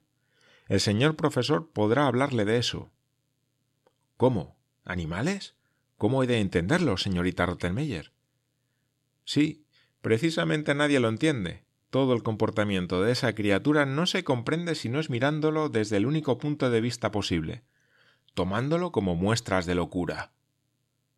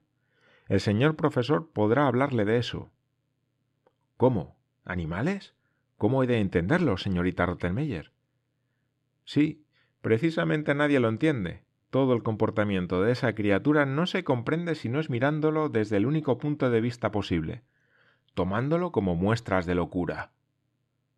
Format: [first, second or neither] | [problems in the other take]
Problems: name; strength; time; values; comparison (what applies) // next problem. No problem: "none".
first | muffled; slightly; fading above 3.5 kHz